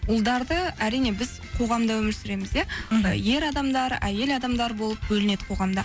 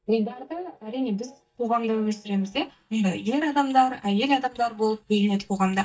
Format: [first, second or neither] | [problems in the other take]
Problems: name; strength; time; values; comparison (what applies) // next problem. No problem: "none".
first | noise reduction (neural mask model DeepFilterNet 3)